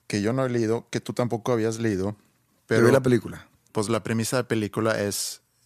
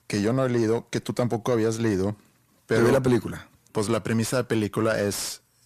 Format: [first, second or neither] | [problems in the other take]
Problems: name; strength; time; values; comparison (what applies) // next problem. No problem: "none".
first | distortion; slight; 10 dB below the speech